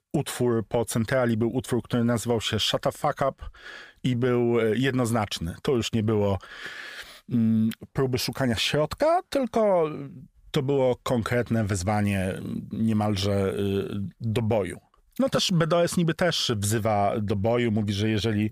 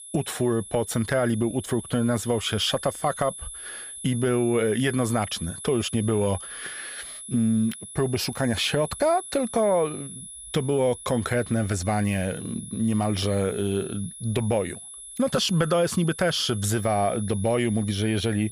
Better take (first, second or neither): first